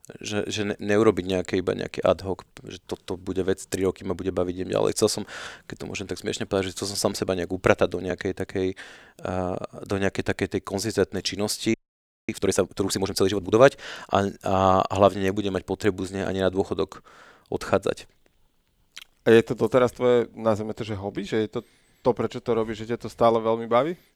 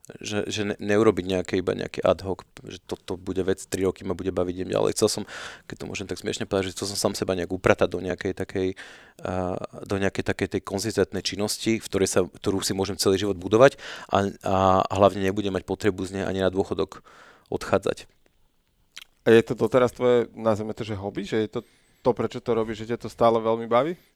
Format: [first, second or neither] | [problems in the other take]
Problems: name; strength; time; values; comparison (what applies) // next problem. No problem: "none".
second | audio freezing; at 12 s for 0.5 s